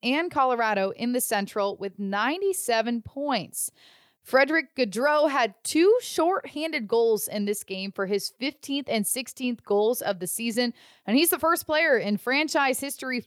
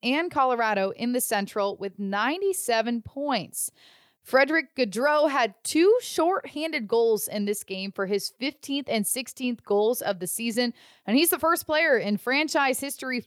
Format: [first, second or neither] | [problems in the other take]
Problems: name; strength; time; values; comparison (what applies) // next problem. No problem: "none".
neither | none